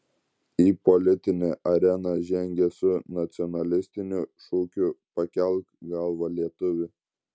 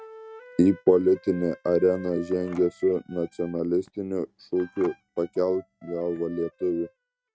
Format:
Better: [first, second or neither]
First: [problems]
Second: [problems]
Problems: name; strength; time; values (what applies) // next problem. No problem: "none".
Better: first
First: none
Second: noise reduction (neural mask model RNNoise)